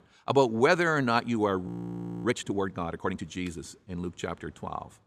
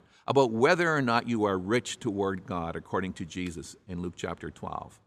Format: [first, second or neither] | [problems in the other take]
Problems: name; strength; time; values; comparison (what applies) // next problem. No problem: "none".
second | audio freezing; at 1.5 s for 0.5 s